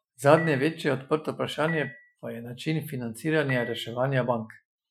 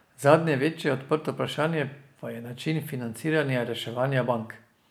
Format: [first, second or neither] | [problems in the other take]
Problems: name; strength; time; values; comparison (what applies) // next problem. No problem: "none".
second | noise reduction (classical method Wiener filter)